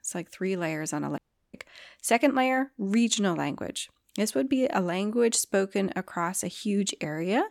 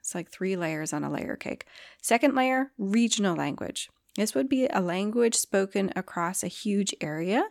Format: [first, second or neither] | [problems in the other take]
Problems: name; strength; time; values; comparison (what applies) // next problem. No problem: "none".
second | audio cutting out; at 1 s